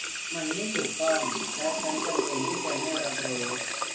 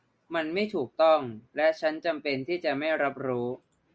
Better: second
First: background sound (Sink (filling or washing) / Water tap, faucet); 2 dB above the speech // room echo; dies away in 0.6 s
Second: none

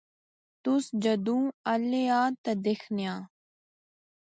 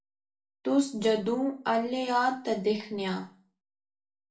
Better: first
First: none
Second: room echo; dies away in 0.3 s

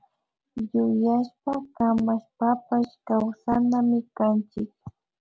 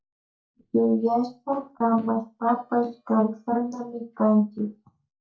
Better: first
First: none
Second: noise reduction (neural mask model DeepFilterNet 3)

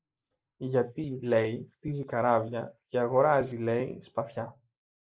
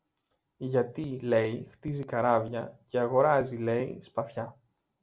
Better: second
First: noise reduction (neural mask model Resemble Enhance denoiser)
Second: none

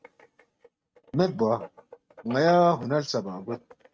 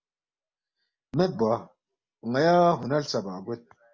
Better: second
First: noise reduction (neural mask model RNNoise)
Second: none

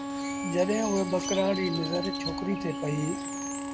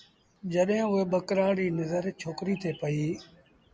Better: second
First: background sound (Bowed string instrument + Bird); 3 dB below the speech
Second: none

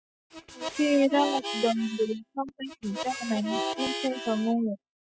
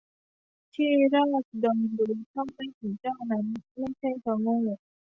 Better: second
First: noise reduction (classical method spectral subtraction)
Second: none

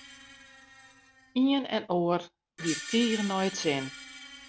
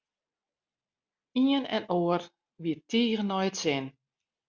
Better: second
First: background sound (Screech); 12 dB below the speech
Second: none

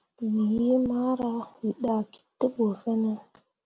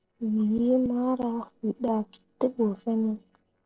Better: first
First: none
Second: noise reduction (neural separator model SepFormer DNS4)

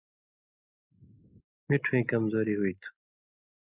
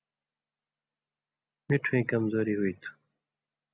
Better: second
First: noise reduction (neural mask model Resemble Enhance denoiser)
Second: none

